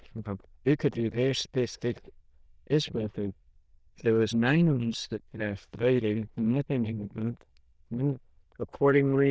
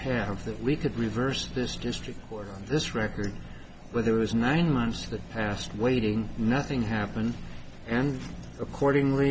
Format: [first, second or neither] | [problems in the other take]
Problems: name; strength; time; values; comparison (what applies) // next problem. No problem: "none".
second | noise reduction (neural diffusion model UNIVERSE++)